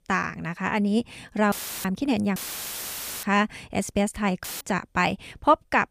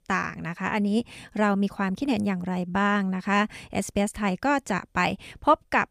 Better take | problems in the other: second | audio cutting out; filled with static; at 1.5 s, at 2.5 s for 1 s and at 4.5 s

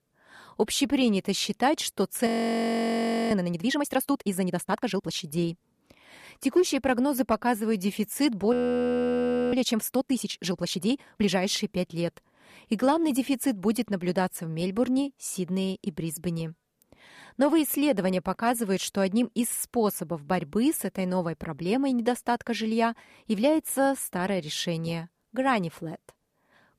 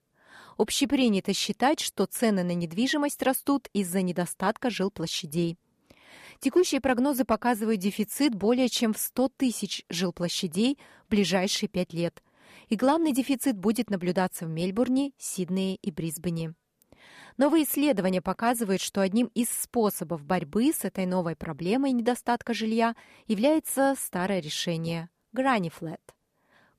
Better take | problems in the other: second | audio freezing; at 2.5 s for 1 s and at 8.5 s for 1 s

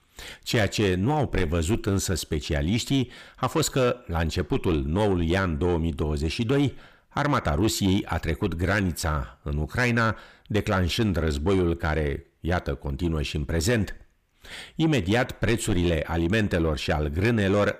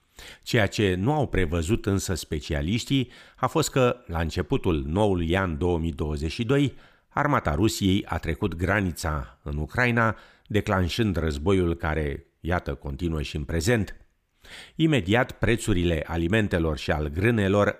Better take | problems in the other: second | distortion; slight; 10 dB below the speech

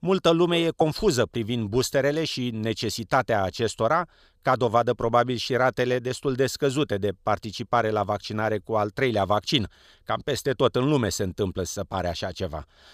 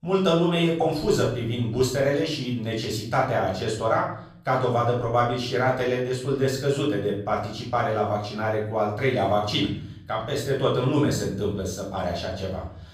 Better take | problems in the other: first | off-mic speech; far // room echo; noticeable; dies away in 0.6 s

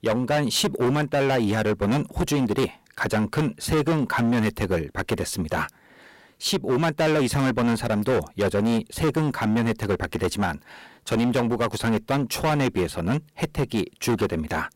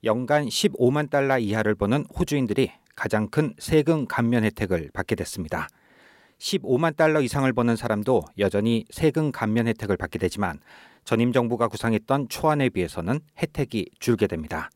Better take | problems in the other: second | distortion; heavy; 16% of the sound clipped

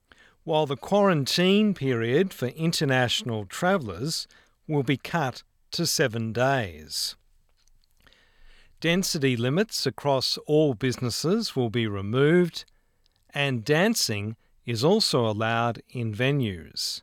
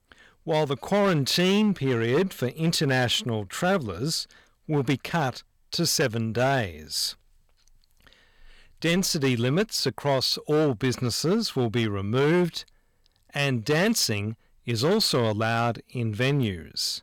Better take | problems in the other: first | distortion; slight; 7% of the sound clipped

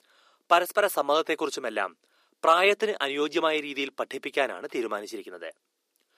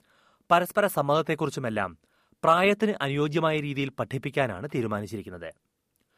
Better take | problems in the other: second | thin; somewhat; fading below 350 Hz

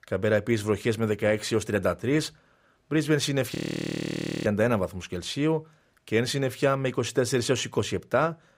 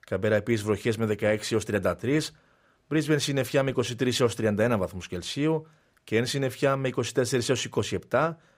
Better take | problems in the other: second | audio freezing; at 3.5 s for 1 s

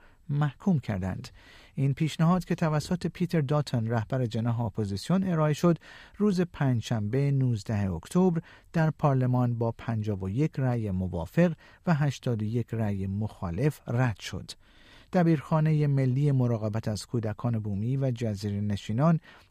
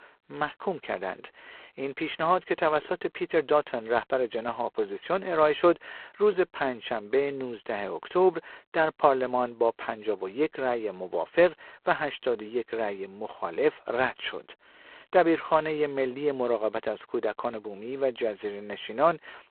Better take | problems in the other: first | phone-call audio; poor line; nothing above 3.5 kHz

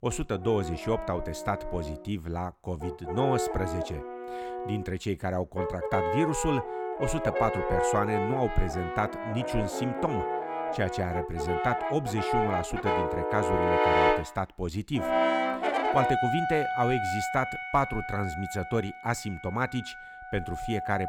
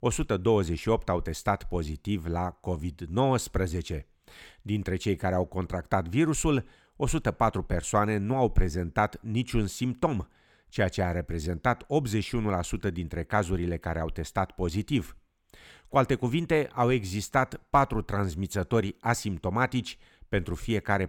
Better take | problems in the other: second | background music; very loud; throughout; 1 dB above the speech

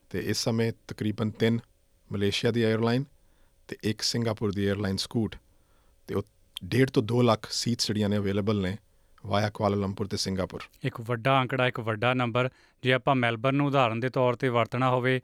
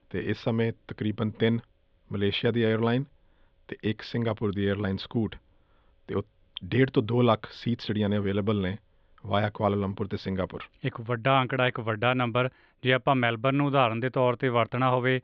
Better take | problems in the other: first | muffled; very; fading above 3.5 kHz

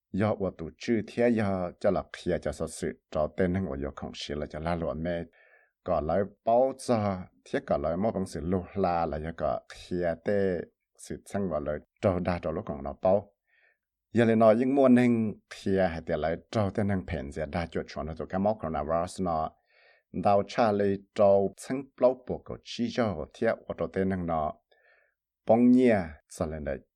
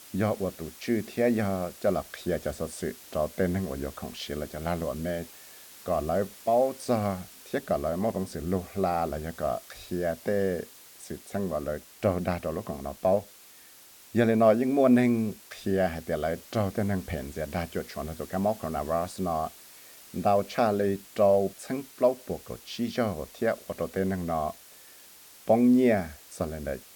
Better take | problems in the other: first | hiss; noticeable; throughout; 20 dB below the speech

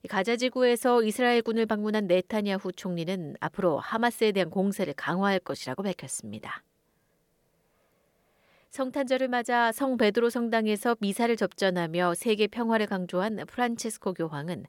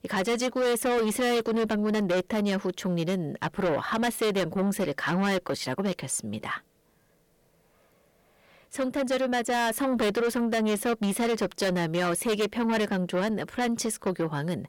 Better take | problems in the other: first | distortion; heavy; 7 dB below the speech

